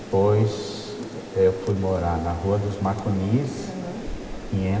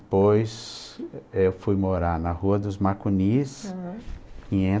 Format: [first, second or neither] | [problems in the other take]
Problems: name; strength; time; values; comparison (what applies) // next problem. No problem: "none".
second | background sound (Rain); 14 dB below the speech // room echo; dies away in 2.3 s